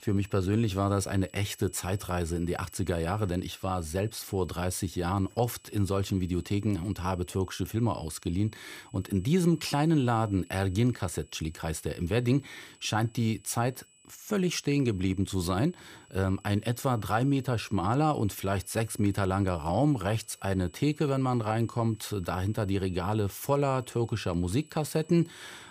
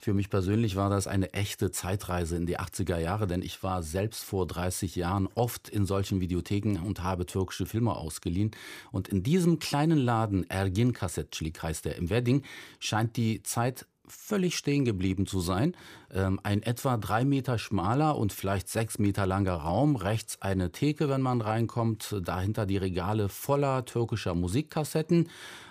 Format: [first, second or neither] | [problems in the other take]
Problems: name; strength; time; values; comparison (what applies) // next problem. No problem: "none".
second | high-pitched whine; faint; throughout; 8 kHz, 30 dB below the speech